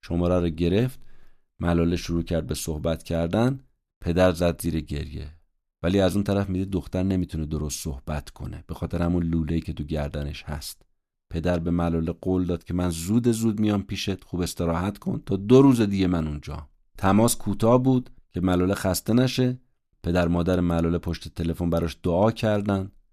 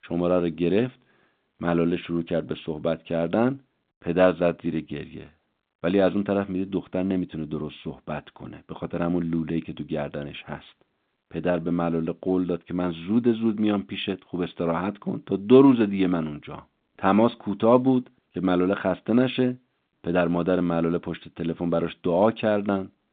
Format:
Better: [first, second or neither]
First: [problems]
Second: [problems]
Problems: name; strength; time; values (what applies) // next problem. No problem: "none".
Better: first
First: none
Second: phone-call audio; nothing above 3.5 kHz